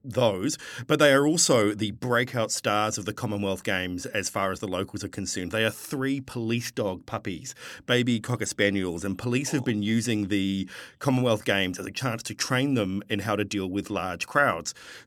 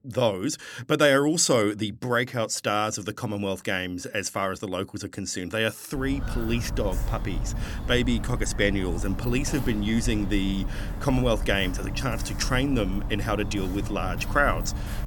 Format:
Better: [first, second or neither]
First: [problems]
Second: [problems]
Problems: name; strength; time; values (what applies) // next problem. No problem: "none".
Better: first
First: none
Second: footsteps; noticeable; from 6 s on; peak 5 dB below the speech